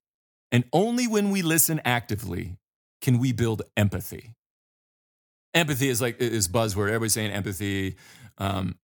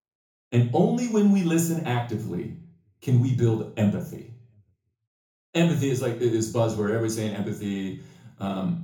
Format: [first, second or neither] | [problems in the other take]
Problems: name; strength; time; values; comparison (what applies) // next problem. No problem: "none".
first | room echo; slight; dies away in 0.6 s // off-mic speech; far